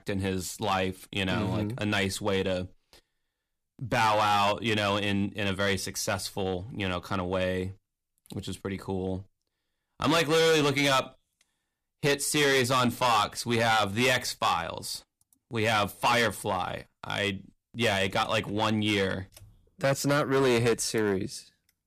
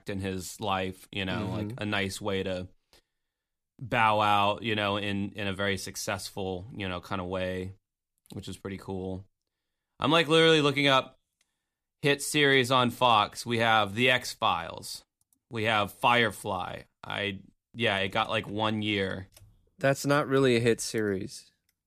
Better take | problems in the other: second | distortion; heavy; 7% of the sound clipped

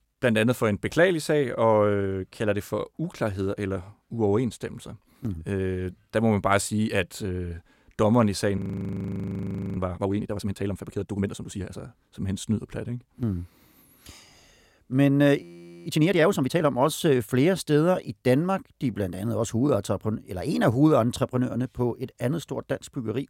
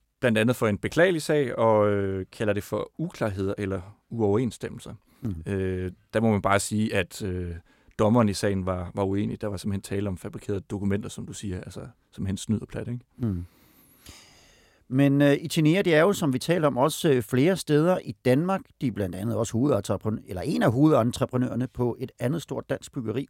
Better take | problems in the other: second | audio freezing; at 8.5 s for 1 s and at 15 s

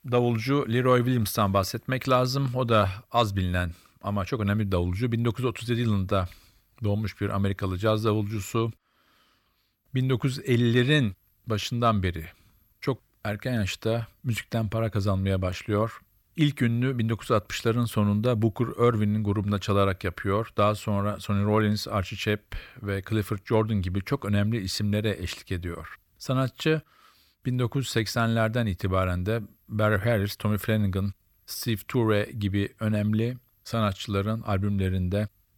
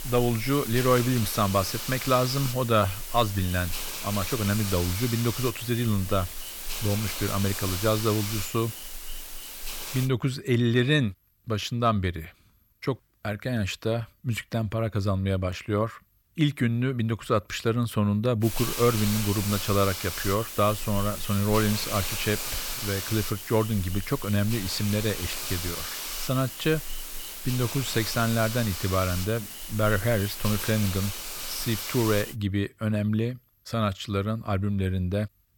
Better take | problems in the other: first | hiss; loud; until 10 s and from 18 to 32 s; 6 dB below the speech

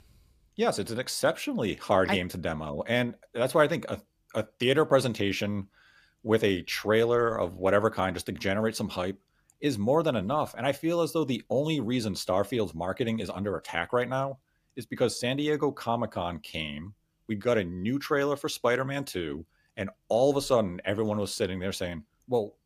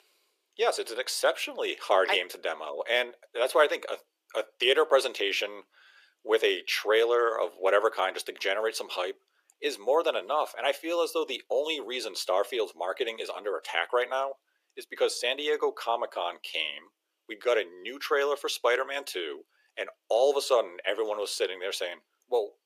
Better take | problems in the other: first | thin; very; fading below 400 Hz

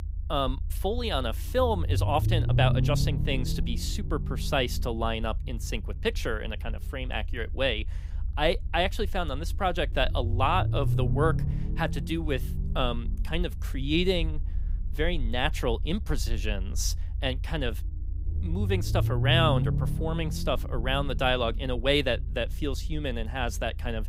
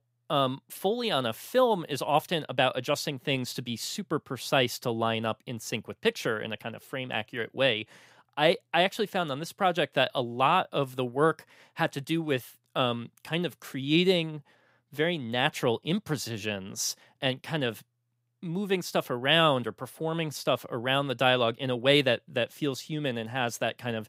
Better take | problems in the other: second | low rumble; noticeable; throughout; 15 dB below the speech

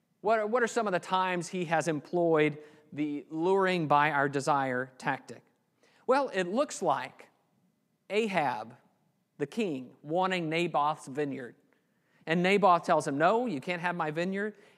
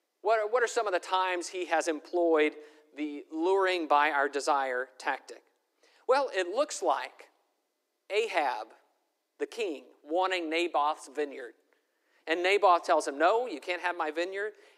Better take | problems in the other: first | thin; somewhat; fading below 300 Hz

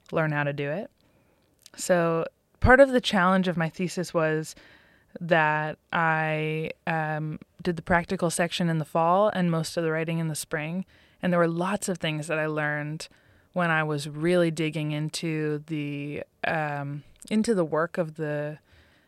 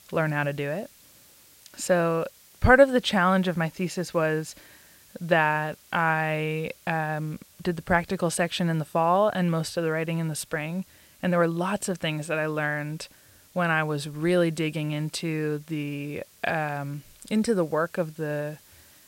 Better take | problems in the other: first | hiss; faint; throughout; 25 dB below the speech

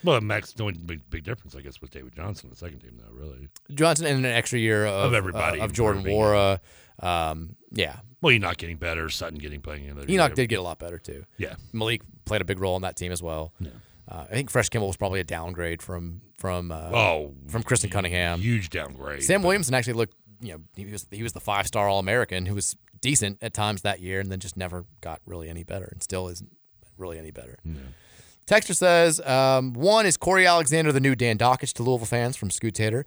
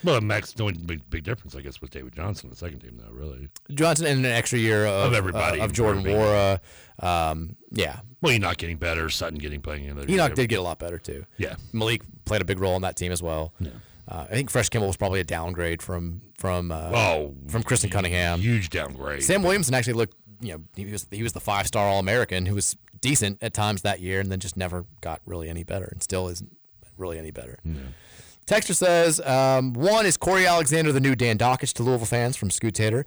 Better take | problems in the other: first | distortion; slight; 10 dB below the speech

